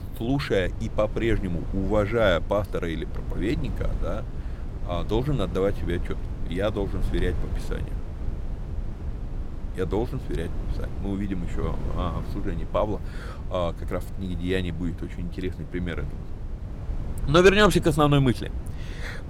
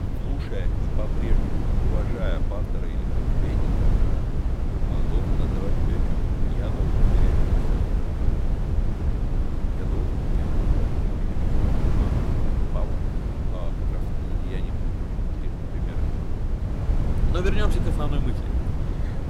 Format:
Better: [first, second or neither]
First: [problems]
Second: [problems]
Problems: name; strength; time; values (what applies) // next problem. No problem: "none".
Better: first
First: wind noise on the microphone; occasional gusts; 20 dB below the speech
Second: wind noise on the microphone; heavy; 3 dB above the speech